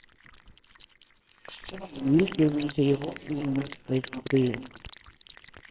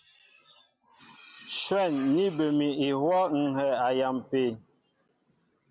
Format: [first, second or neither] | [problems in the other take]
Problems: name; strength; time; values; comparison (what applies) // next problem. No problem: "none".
second | noise reduction (neural separator model SepFormer WHAMR!)